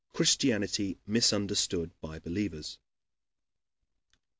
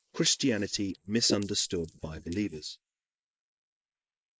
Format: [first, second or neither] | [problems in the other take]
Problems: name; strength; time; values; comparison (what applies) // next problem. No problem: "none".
first | noise reduction (neural mask model Resemble Enhance denoiser)